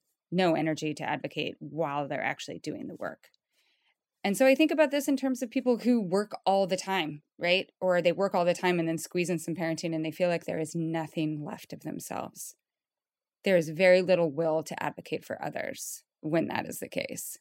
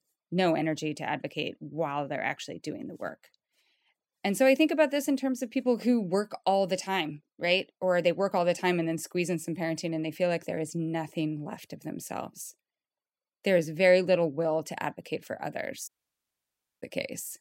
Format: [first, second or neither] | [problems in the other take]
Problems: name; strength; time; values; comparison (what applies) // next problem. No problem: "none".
first | audio cutting out; at 16 s for 1 s